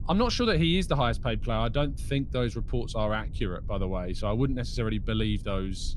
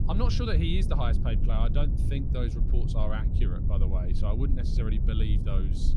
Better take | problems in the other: first | low rumble; loud; throughout; 6 dB below the speech; faint in the first

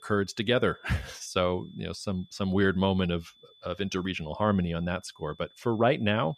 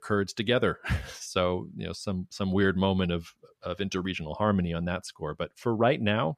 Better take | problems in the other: second | high-pitched whine; faint; throughout; 3.5 kHz, 30 dB below the speech

